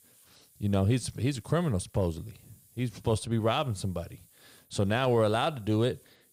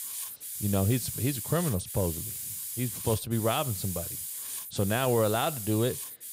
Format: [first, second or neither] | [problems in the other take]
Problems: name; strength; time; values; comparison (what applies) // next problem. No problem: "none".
first | hiss; loud; throughout; 5 dB below the speech; faint in the first